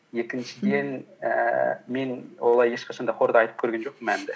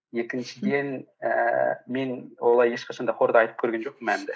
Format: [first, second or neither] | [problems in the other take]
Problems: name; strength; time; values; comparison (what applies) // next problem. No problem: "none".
first | noise reduction (neural mask model Resemble Enhance denoiser)